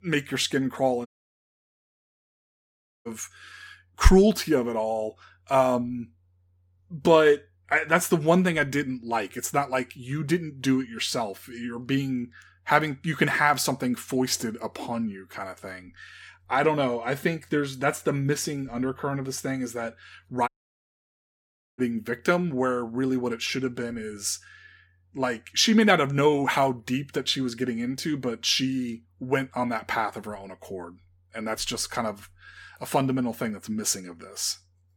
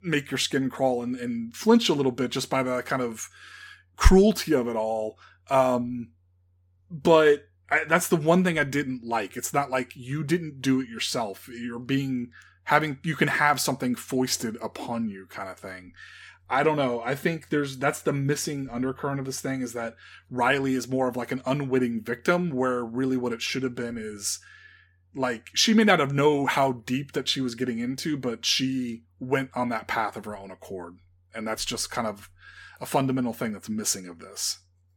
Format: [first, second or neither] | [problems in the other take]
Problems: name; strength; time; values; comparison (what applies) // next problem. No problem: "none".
second | audio cutting out; at 1 s for 2 s and at 20 s for 1.5 s